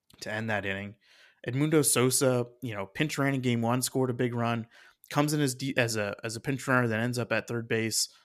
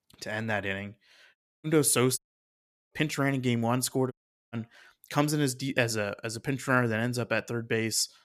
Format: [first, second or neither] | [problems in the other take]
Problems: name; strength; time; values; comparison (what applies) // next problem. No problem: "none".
first | audio cutting out; at 1.5 s, at 2 s for 0.5 s and at 4 s